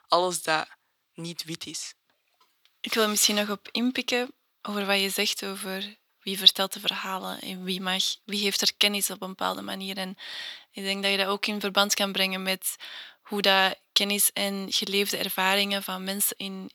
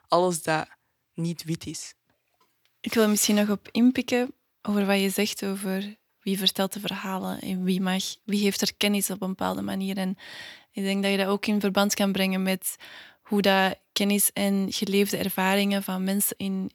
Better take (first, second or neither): second